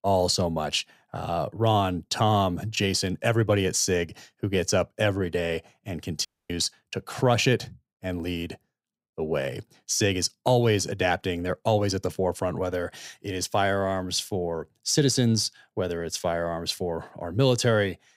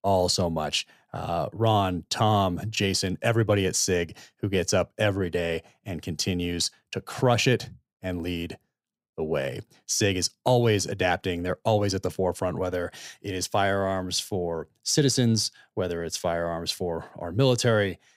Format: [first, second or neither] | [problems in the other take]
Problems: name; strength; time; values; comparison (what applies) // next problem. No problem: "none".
second | audio cutting out; at 6.5 s